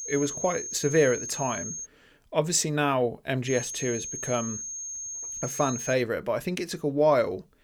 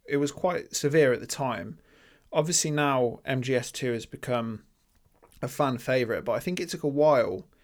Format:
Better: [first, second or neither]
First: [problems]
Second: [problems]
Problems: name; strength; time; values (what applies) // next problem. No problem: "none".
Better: second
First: high-pitched whine; loud; until 2 s and from 3.5 to 6 s; 6.5 kHz, 6 dB below the speech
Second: none